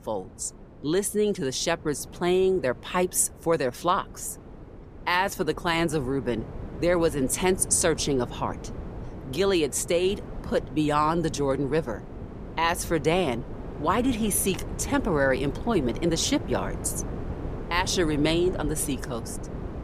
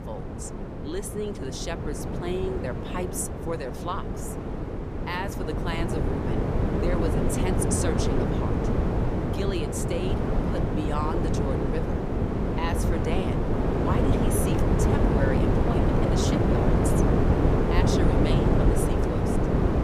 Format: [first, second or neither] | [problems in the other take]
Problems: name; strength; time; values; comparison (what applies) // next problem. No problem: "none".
first | wind noise on the microphone; heavy; 4 dB above the speech; occasional gusts in the first